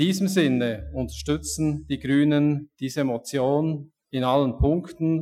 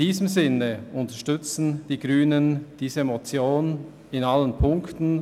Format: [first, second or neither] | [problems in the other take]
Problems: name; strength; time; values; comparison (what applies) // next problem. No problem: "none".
second | noise reduction (classical method Wiener filter)